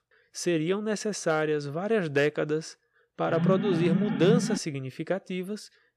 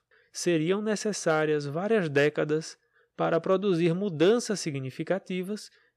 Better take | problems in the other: second | alarm; loud; from 3.5 to 4.5 s; peak 1 dB above the speech

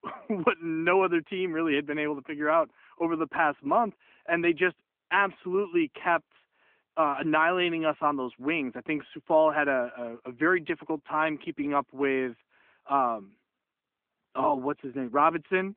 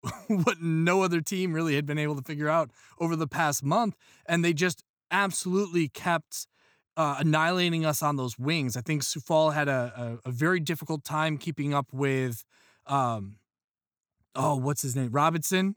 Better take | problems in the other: second | phone-call audio

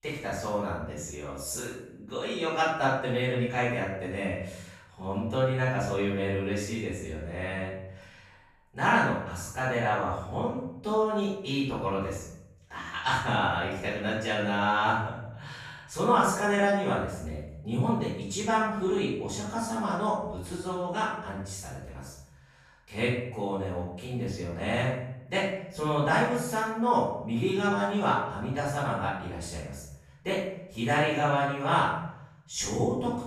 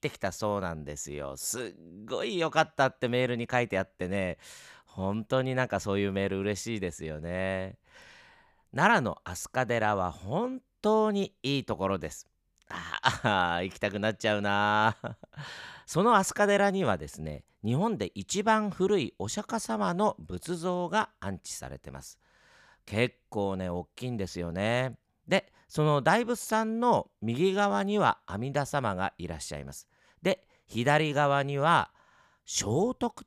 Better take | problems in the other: second | off-mic speech; far // room echo; noticeable; dies away in 0.7 s

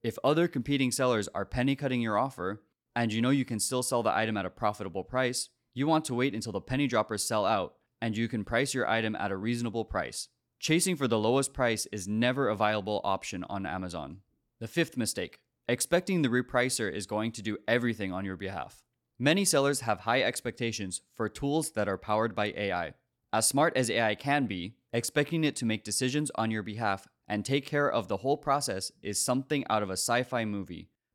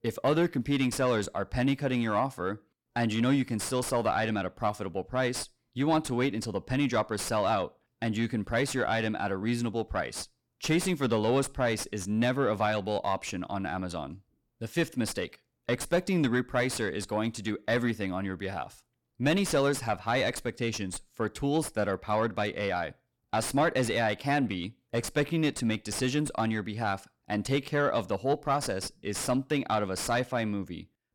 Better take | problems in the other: first | distortion; slight; 10 dB below the speech

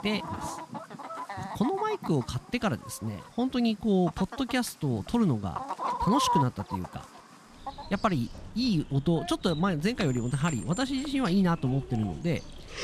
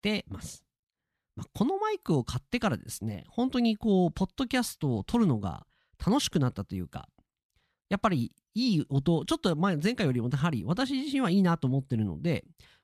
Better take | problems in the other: second | animal sounds; loud; throughout; 9 dB below the speech

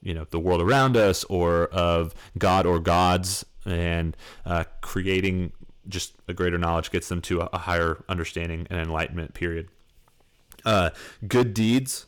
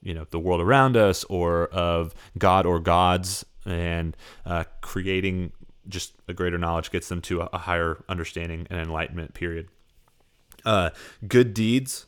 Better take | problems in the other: second | distortion; slight; 4% of the sound clipped

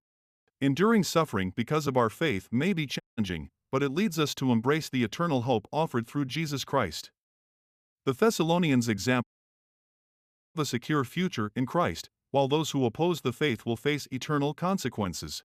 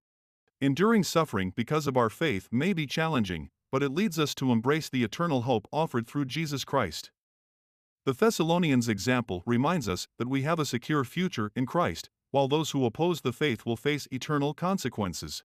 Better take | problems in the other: second | audio cutting out; at 3 s and at 9 s for 1.5 s

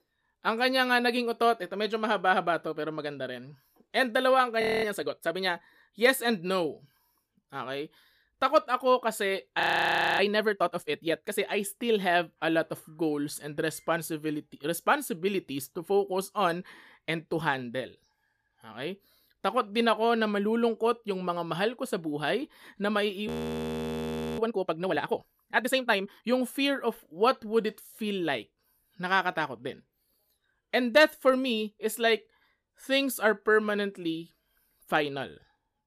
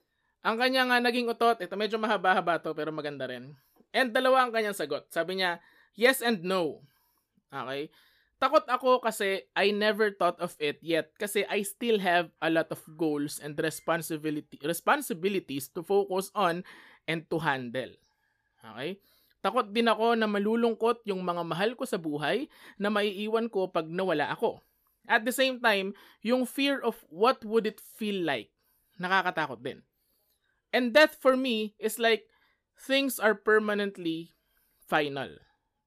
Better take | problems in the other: second | audio freezing; at 4.5 s, at 9.5 s for 0.5 s and at 23 s for 1 s

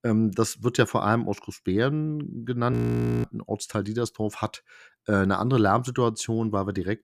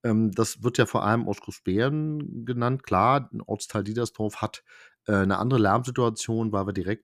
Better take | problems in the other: second | audio freezing; at 2.5 s for 0.5 s

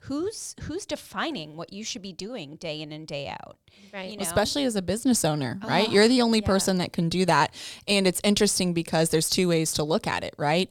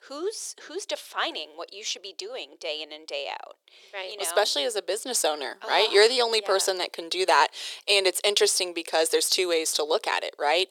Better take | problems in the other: first | thin; very; fading below 400 Hz

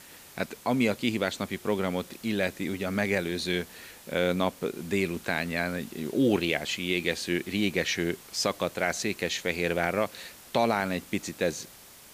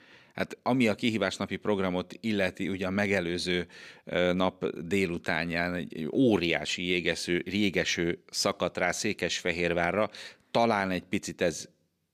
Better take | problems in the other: second | hiss; noticeable; throughout; 20 dB below the speech

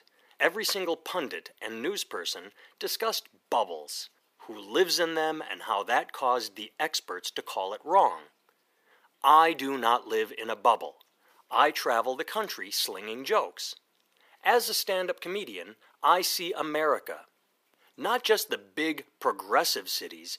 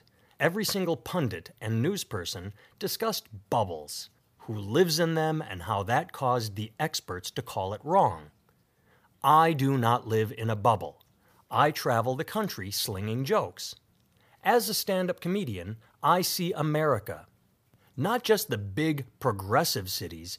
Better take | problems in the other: second | thin; somewhat; fading below 300 Hz

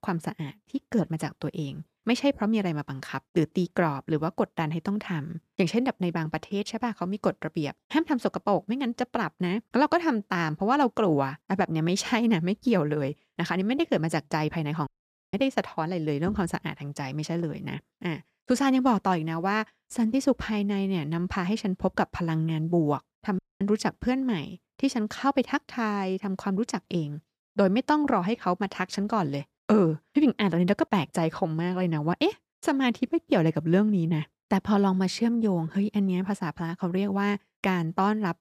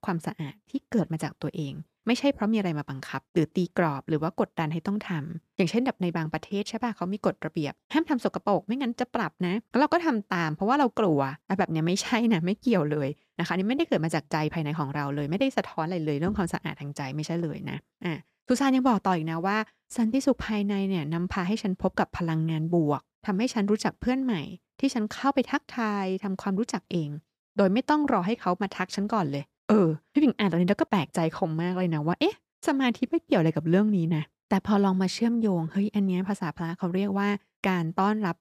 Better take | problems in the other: second | audio cutting out; at 15 s and at 23 s

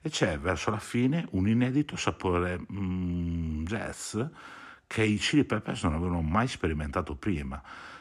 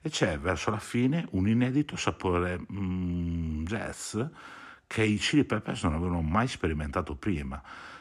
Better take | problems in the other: neither | none

